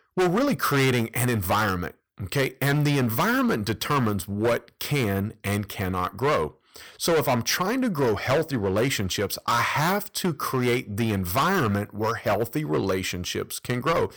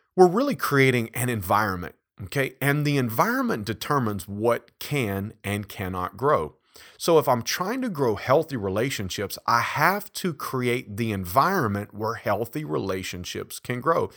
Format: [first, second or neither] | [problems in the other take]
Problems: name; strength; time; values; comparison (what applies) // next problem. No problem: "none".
second | distortion; heavy; 12% of the sound clipped